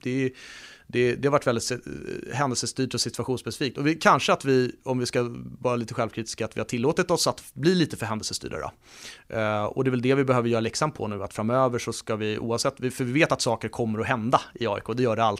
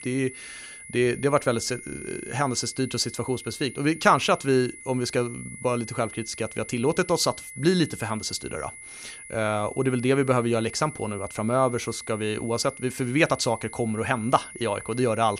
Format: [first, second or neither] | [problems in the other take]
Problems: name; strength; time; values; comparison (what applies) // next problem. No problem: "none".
first | high-pitched whine; noticeable; throughout; 2 kHz, 15 dB below the speech